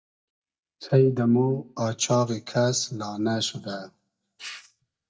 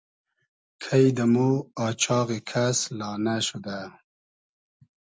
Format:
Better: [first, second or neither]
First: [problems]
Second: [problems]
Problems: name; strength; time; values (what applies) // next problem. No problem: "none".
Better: second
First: noise reduction (neural mask model DeepFilterNet 3)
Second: none